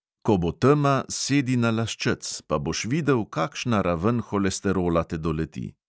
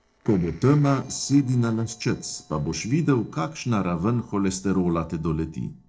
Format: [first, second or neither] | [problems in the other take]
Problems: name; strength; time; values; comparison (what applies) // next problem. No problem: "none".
first | noise reduction (neural separator model SepFormer DNS4)